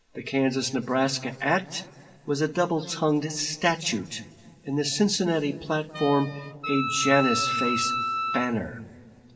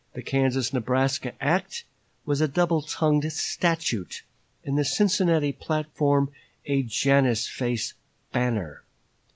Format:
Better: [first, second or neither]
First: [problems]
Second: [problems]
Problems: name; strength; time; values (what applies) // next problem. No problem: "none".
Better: second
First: background sound (Wind instrument, woodwind instrument); 3 dB below the speech // room echo; dies away in 2 s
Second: none